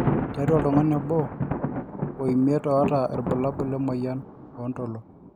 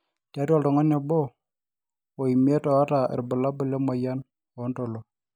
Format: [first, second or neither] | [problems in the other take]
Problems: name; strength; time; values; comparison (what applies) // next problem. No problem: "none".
second | background sound (Thunder); 4 dB below the speech